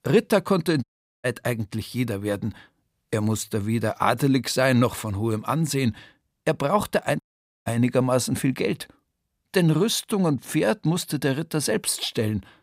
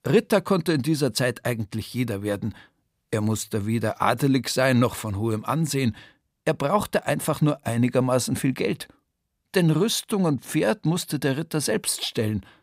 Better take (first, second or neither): second